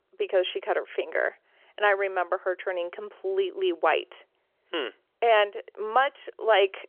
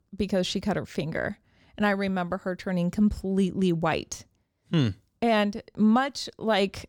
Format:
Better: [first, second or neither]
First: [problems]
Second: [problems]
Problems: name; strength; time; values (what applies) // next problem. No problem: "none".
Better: second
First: phone-call audio; nothing above 3.5 kHz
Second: none